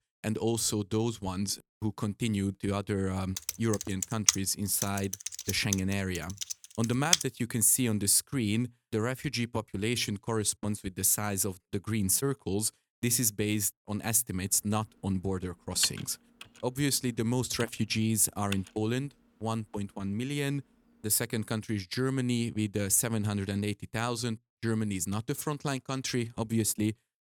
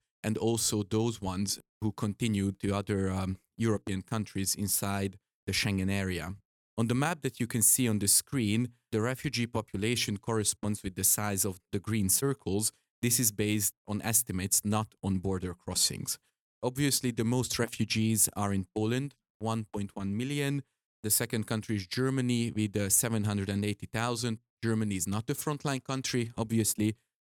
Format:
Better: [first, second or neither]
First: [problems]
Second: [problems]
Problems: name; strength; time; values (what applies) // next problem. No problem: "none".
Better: second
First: keyboard typing; loud; from 3.5 to 7 s; peak 5 dB above the speech // keyboard typing; noticeable; from 16 to 19 s; peak 7 dB below the speech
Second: none